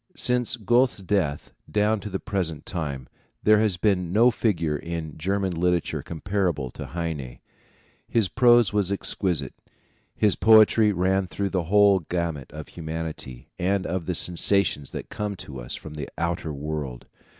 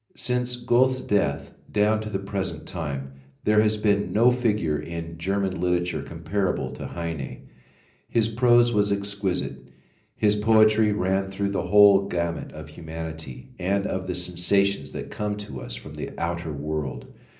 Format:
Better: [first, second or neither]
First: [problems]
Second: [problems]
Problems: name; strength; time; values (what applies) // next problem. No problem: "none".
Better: first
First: none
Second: room echo; dies away in 0.5 s